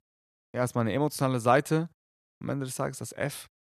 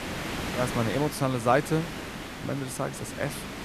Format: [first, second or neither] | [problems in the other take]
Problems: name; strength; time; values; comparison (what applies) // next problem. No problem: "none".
first | hiss; loud; throughout; 6 dB below the speech